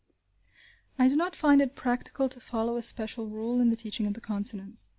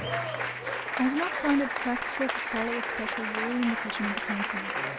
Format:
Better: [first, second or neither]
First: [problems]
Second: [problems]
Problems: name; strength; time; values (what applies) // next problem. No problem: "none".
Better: first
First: none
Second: background sound (Applause); as loud as the speech